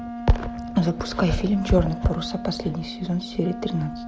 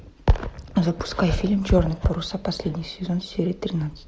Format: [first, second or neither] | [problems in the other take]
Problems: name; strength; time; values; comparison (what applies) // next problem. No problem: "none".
second | background sound (Wind instrument, woodwind instrument); 11 dB below the speech